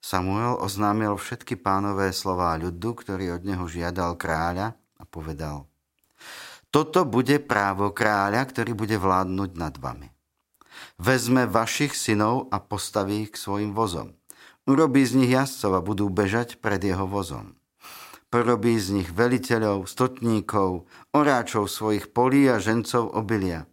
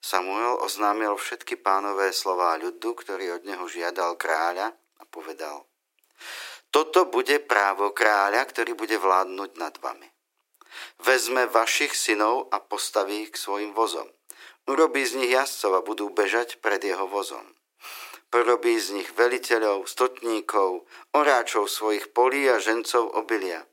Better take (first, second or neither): first